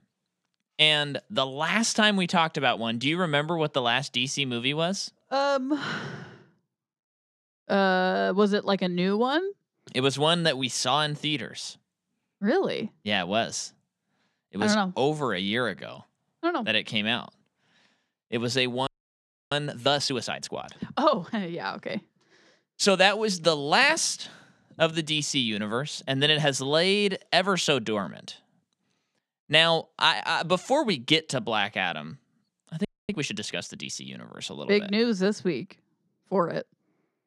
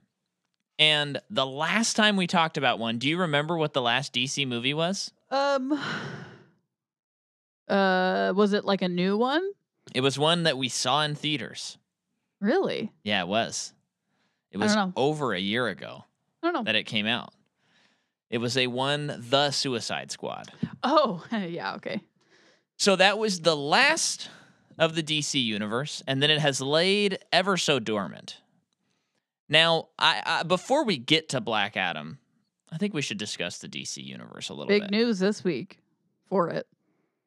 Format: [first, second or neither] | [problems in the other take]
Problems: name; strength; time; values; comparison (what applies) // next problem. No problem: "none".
second | audio freezing; at 19 s for 0.5 s and at 33 s